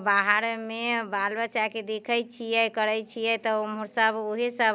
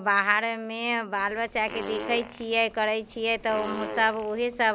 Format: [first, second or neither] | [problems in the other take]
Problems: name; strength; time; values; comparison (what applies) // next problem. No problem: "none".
first | background sound (Fart); 12 dB below the speech